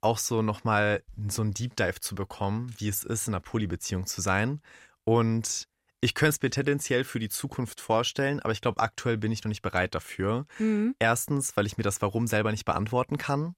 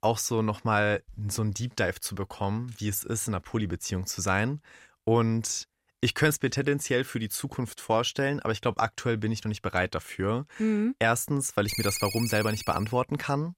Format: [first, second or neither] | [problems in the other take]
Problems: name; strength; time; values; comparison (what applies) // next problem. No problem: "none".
first | phone ringing; noticeable; from 12 to 13 s; peak 3 dB below the speech